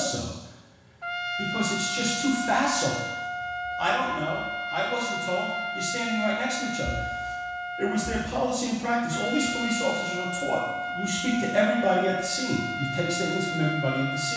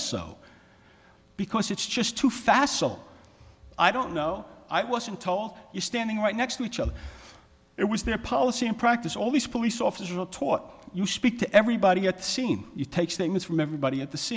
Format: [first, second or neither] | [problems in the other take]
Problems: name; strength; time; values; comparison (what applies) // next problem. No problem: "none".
second | background sound (Trumpet); 4 dB below the speech // room echo; dies away in 1.1 s